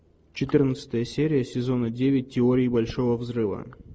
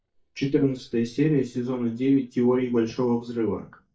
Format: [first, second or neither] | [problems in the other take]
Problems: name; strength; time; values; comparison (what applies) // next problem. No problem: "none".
first | noise reduction (neural mask model DeepFilterNet 3)